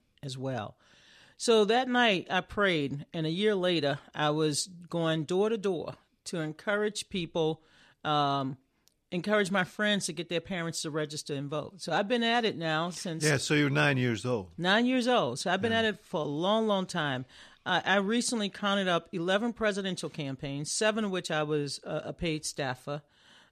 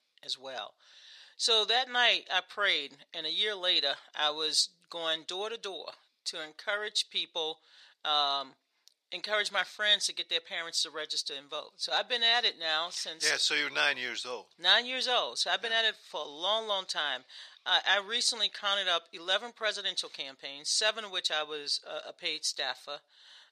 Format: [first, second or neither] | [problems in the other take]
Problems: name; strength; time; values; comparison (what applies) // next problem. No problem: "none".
first | thin; very; fading below 700 Hz